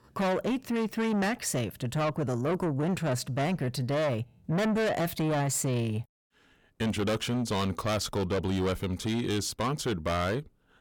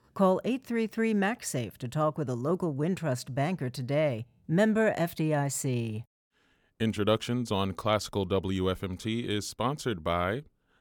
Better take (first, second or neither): second